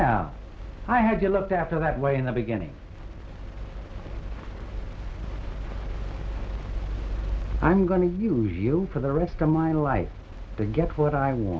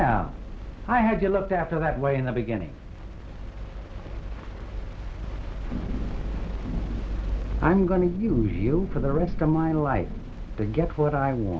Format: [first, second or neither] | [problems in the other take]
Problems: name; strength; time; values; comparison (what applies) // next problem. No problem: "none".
first | background sound (Thunder / Rain); 9 dB below the speech